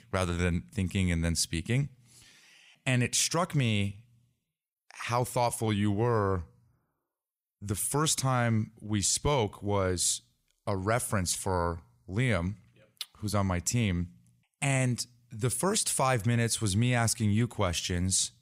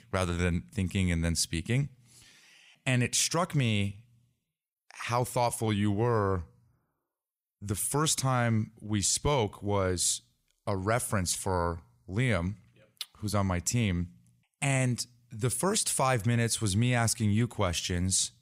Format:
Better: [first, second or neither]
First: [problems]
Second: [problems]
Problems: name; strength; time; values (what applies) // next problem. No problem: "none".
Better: neither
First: none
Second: none